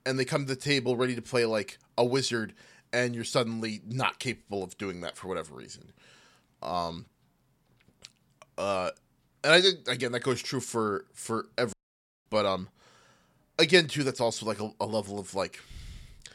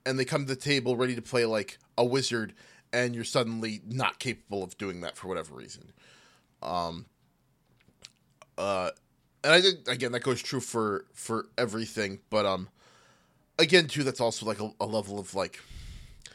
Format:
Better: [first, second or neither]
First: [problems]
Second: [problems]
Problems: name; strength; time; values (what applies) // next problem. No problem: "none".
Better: second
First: audio cutting out; at 12 s for 0.5 s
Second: none